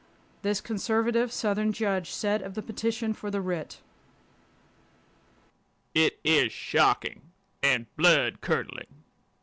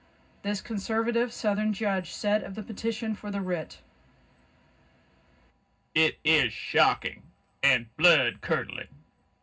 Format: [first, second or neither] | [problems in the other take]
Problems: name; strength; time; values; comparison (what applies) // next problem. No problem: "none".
first | room echo; dies away in 0.4 s